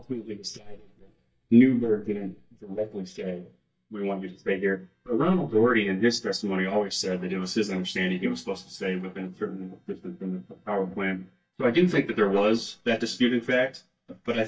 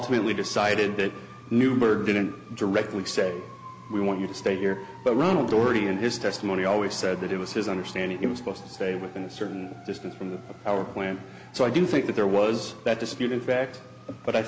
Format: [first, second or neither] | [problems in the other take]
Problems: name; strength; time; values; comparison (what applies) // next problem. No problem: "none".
second | noise reduction (neural mask model DeepFilterNet 3)